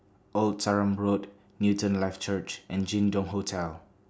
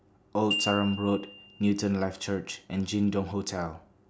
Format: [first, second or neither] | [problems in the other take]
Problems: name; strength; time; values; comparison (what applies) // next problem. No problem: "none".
first | background sound (Glockenspiel); 10 dB below the speech